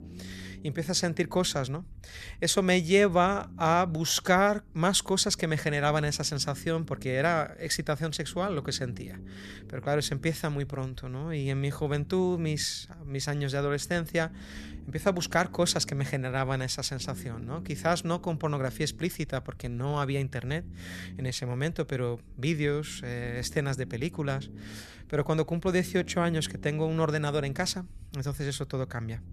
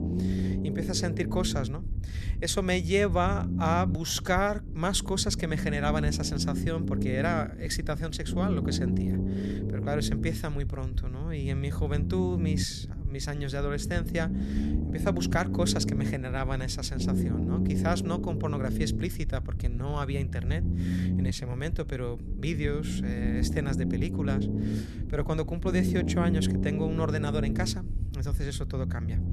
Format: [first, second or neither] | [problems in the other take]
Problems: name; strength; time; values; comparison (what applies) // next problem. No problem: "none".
first | low rumble; loud; throughout; 6 dB below the speech; faint in the first